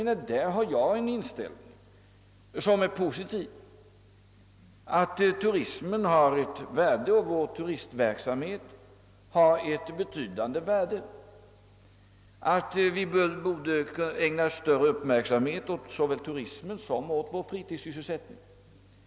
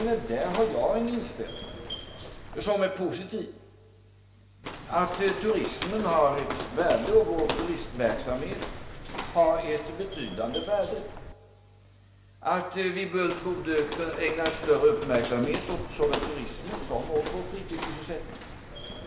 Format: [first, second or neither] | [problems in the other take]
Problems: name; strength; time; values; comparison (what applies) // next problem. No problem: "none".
first | background sound (Walk, footsteps); 9 dB below the speech // room echo; dies away in 0.6 s